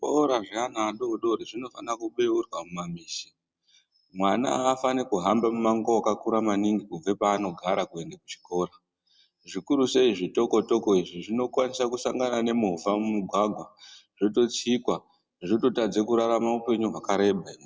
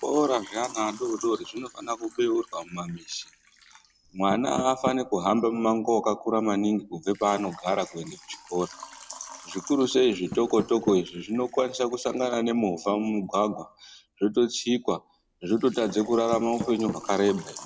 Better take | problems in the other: first | background sound (Water / Liquid + Door); 16 dB below the speech

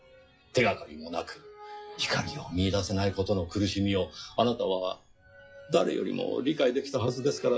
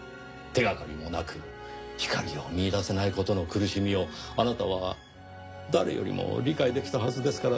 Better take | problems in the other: second | noise reduction (classical method log-MMSE)

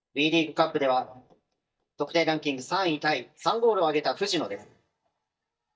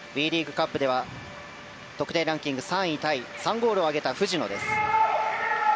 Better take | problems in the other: second | noise reduction (neural mask model DeepFilterNet 3)

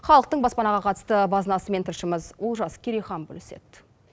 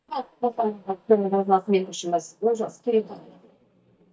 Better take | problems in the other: first | noise reduction (neural mask model DeepFilterNet 3)

